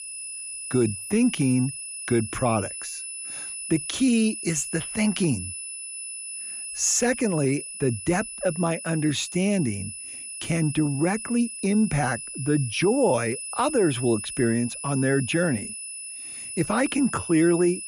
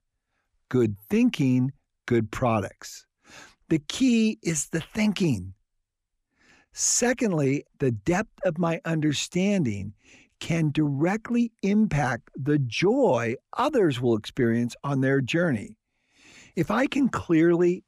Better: second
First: high-pitched whine; loud; throughout; 10 kHz, 8 dB below the speech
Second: none

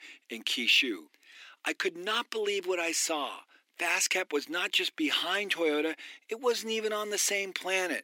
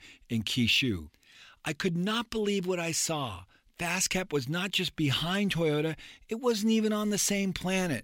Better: second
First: thin; somewhat; fading below 300 Hz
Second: none

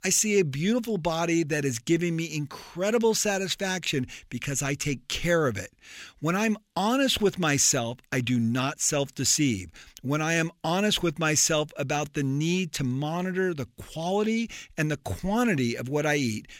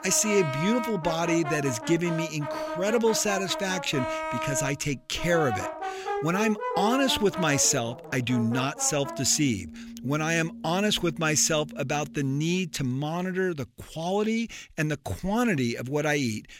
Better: first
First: none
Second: background music; loud; until 12 s; 8 dB below the speech

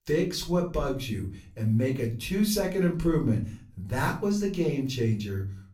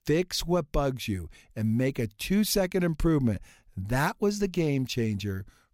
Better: second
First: off-mic speech; far // room echo; slight; dies away in 0.3 s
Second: none

